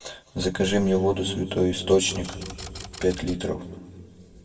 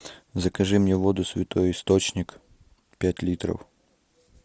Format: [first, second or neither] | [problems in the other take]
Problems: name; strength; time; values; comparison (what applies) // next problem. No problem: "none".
second | background sound (Typewriter); 14 dB below the speech // room echo; dies away in 1.6 s